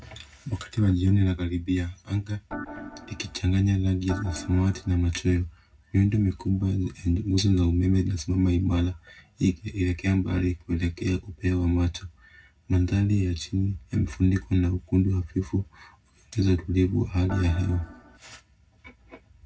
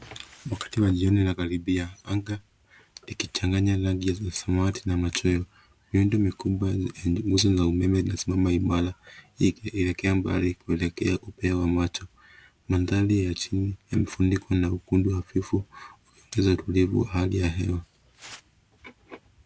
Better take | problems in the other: second | background sound (Organ); 13 dB below the speech // room echo; dies away in 0.4 s

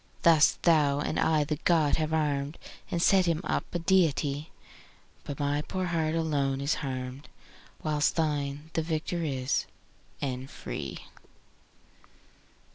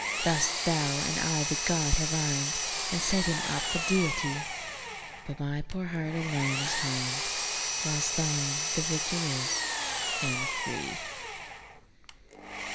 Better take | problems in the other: first | background sound (Power tool); as loud as the speech // room echo; dies away in 1.3 s

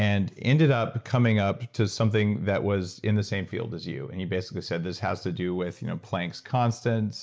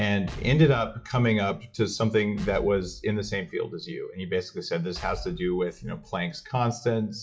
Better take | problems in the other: first | noise reduction (classical method WPE with log-MMSE)

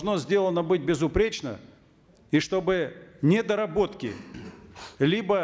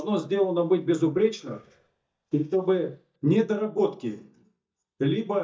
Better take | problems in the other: first | noise reduction (neural mask model DeepFilterNet 3)

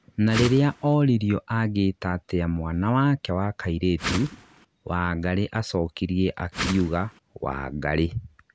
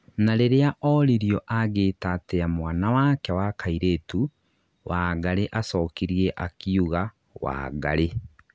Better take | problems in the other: second | background sound (Whoosh, swoosh, swish); 7 dB below the speech

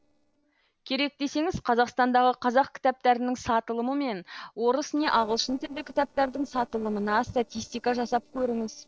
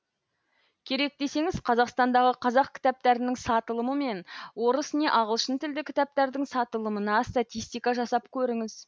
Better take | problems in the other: second | noise reduction (neural separator model SepFormer DNS4)

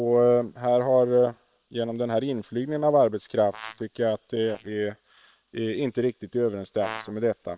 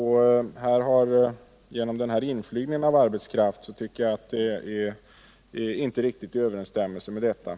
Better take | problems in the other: second | noise reduction (neural separator model SepFormer WHAM!)

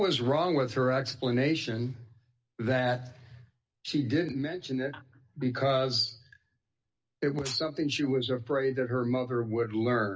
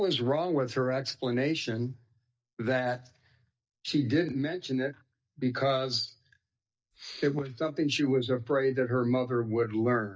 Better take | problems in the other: first | noise reduction (neural mask model DeepFilterNet 3)

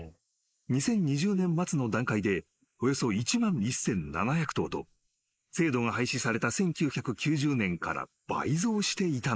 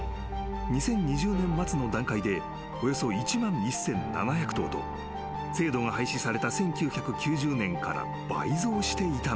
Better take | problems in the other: second | noise reduction (neural mask model Resemble Enhance denoiser)

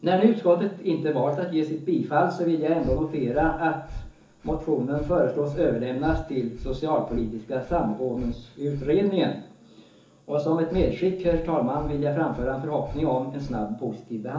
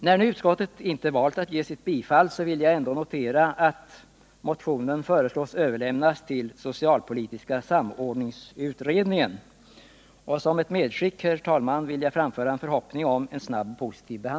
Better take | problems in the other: second | background sound (Breathing); 12 dB below the speech // room echo; dies away in 0.7 s

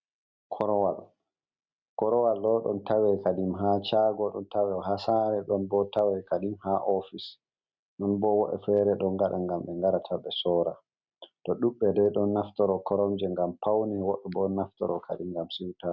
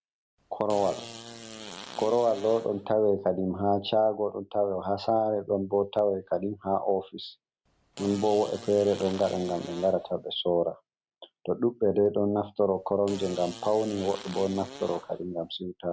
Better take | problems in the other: first | background sound (Fart); 16 dB below the speech

